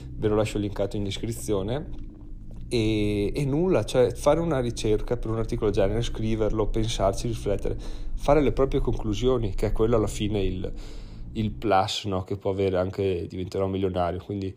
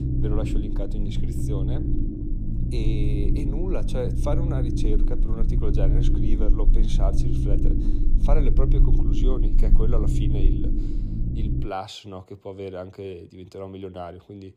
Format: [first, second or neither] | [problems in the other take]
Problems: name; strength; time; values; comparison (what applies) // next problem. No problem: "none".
first | low rumble; loud; until 12 s; 2 dB below the speech; faint in the first